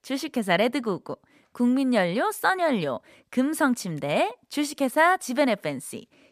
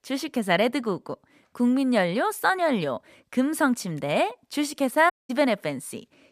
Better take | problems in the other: first | audio cutting out; at 5 s

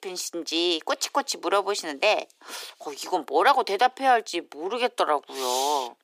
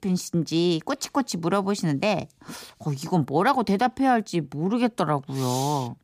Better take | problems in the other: second | thin; very; fading below 400 Hz

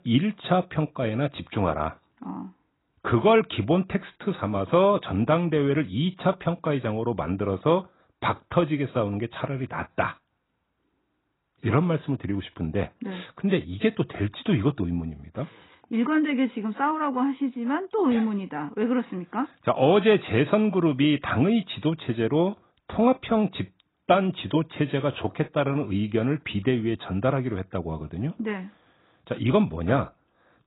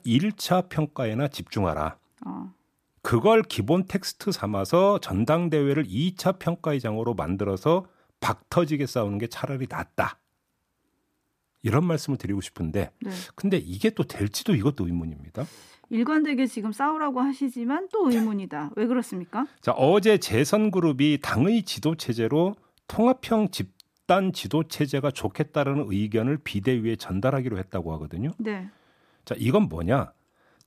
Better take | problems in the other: second | garbled, watery; badly; nothing above 4 kHz

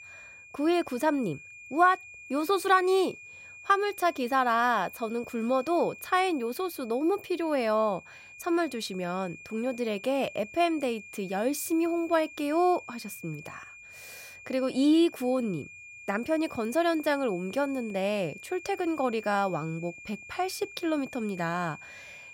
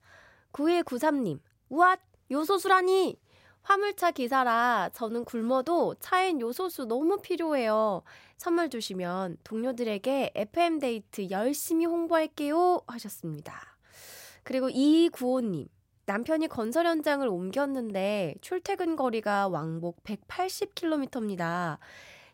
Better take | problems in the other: second | high-pitched whine; noticeable; throughout; 2.5 kHz, 15 dB below the speech

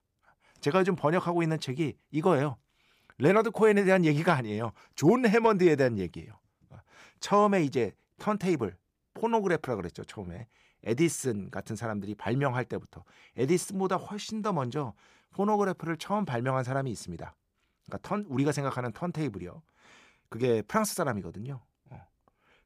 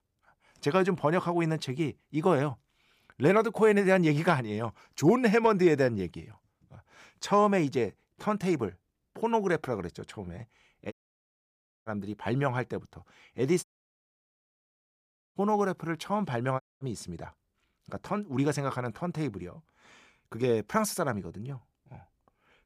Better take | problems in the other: first | audio cutting out; at 11 s for 1 s, at 14 s for 1.5 s and at 17 s

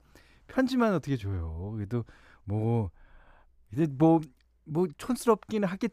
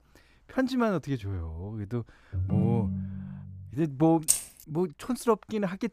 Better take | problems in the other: first | phone ringing; loud; from 2.5 to 3.5 s; peak 2 dB above the speech // jangling keys; loud; at 4.5 s; peak 4 dB above the speech

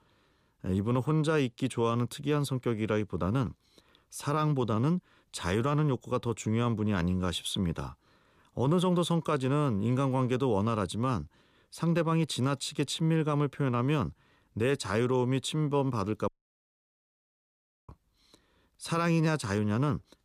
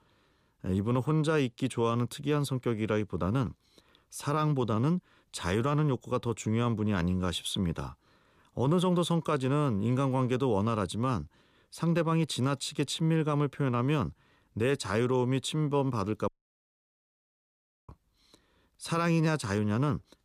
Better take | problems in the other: neither | audio cutting out; at 16 s for 1.5 s; the same in both

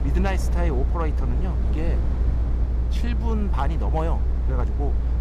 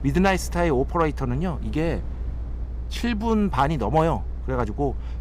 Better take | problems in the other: second | low rumble; loud; throughout; 7 dB below the speech; faint in the second

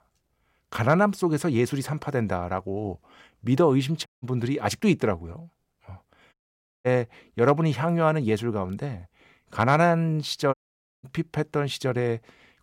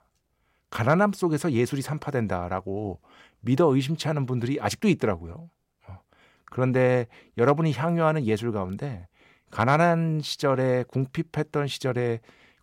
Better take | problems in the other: second | audio cutting out; at 4 s, at 6.5 s for 0.5 s and at 11 s

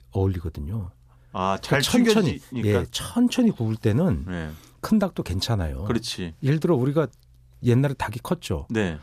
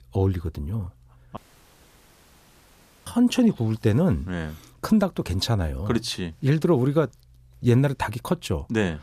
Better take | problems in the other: first | audio cutting out; at 1.5 s for 1.5 s

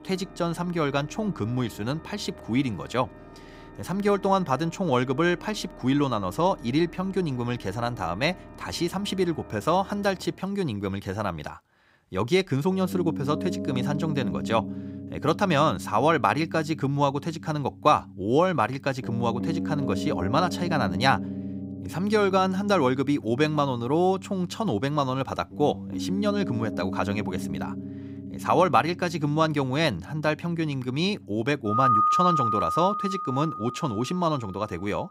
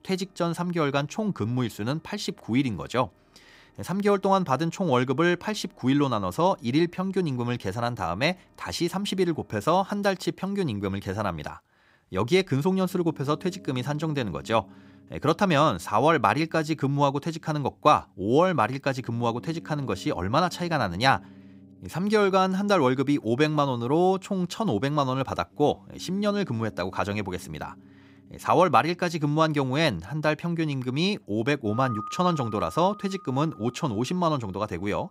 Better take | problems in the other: second | background music; loud; throughout; 5 dB below the speech; faint in the second

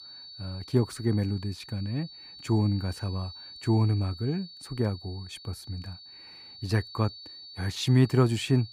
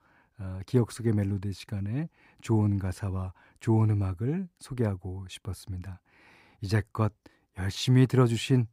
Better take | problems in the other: second | high-pitched whine; noticeable; throughout; 4.5 kHz, 15 dB below the speech

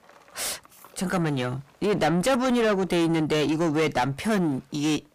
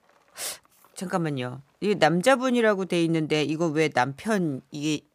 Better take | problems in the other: second | distortion; heavy; 5 dB below the speech

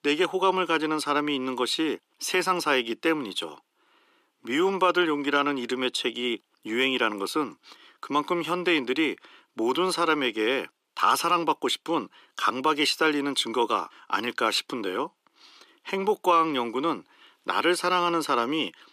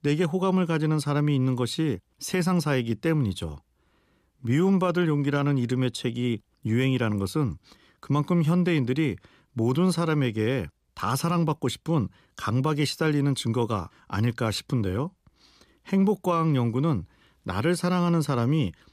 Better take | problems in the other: second | thin; very; fading below 300 Hz

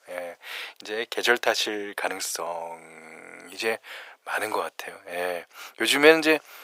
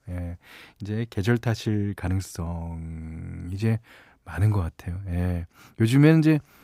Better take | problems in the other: second | thin; very; fading below 500 Hz

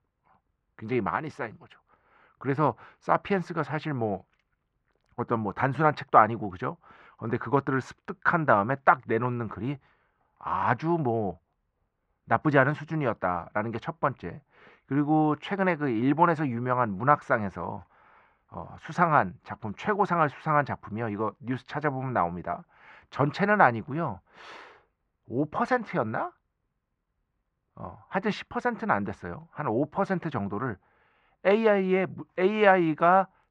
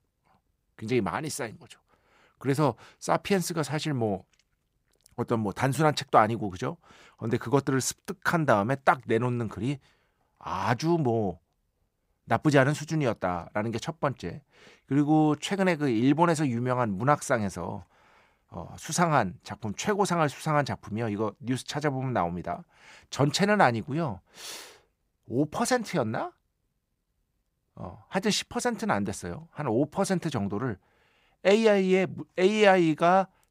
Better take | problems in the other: second | muffled; very; fading above 2 kHz

